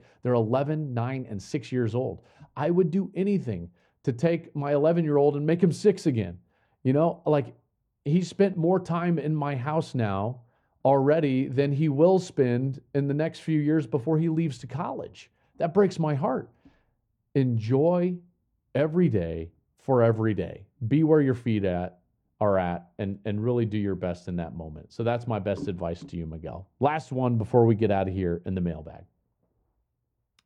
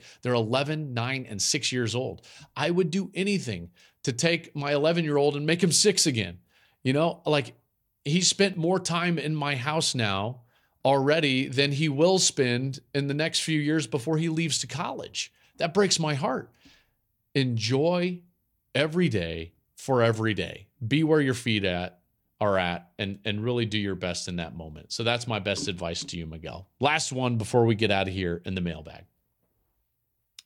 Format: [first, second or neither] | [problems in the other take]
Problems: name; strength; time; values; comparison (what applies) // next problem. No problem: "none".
second | muffled; very; fading above 2 kHz